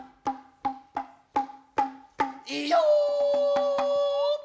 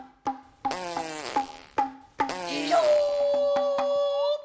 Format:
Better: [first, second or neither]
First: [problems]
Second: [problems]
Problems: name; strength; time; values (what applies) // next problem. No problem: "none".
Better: first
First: none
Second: background sound (Fart); 11 dB below the speech